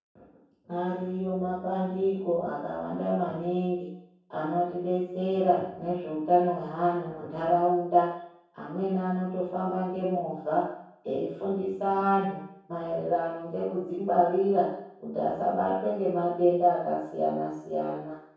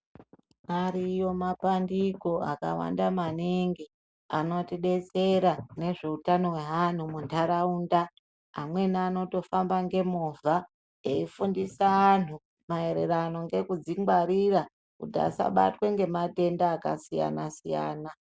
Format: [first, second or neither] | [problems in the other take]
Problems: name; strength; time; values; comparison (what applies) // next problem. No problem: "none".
second | room echo; dies away in 0.7 s